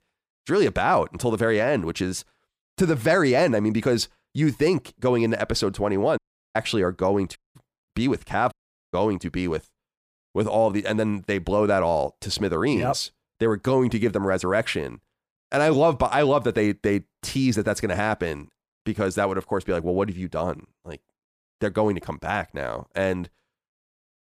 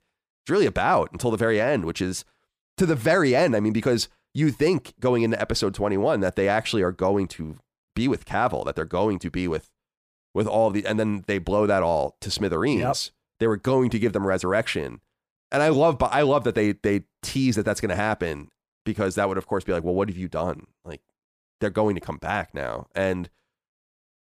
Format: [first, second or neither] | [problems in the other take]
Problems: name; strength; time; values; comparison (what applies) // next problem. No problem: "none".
second | audio cutting out; at 6 s, at 7.5 s and at 8.5 s